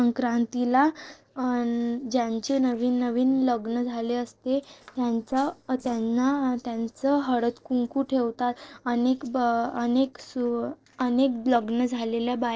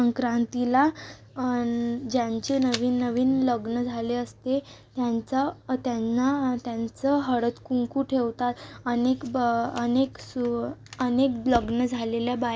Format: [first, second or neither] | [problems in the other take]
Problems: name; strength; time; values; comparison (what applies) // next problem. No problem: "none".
second | noise reduction (neural separator model SepFormer DNS4)